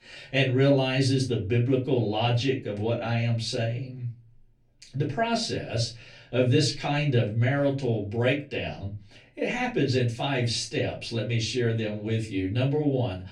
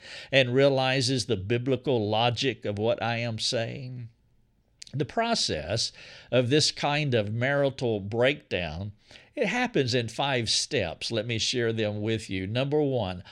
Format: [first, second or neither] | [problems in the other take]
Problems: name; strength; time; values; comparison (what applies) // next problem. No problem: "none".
second | off-mic speech; far // room echo; very slight; dies away in 0.3 s